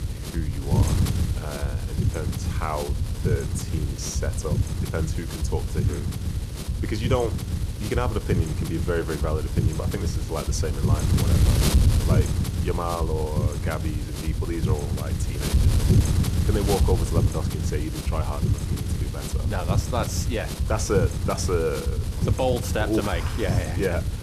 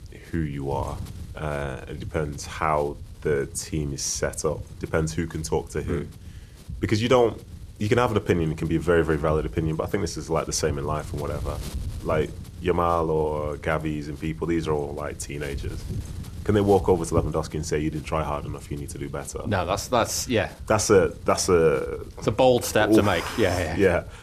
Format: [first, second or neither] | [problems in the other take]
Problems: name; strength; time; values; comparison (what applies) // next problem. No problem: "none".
second | wind noise on the microphone; heavy; 5 dB below the speech; occasional gusts in the second